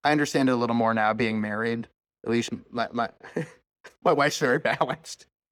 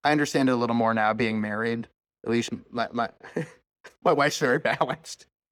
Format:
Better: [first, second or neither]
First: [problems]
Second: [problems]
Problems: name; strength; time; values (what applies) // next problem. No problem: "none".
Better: neither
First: none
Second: none